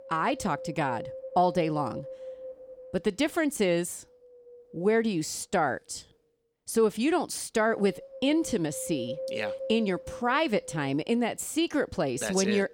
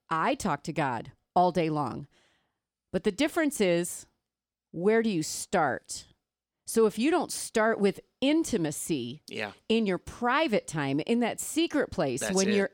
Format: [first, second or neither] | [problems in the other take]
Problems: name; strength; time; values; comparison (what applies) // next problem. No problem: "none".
second | wind noise on the microphone; occasional gusts; 10 dB below the speech